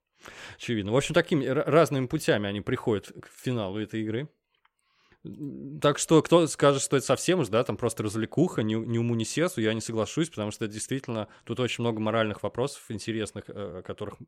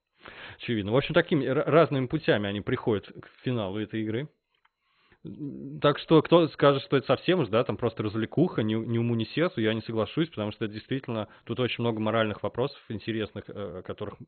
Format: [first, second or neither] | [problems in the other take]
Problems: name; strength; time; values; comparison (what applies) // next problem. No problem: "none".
first | garbled, watery; badly; nothing above 4 kHz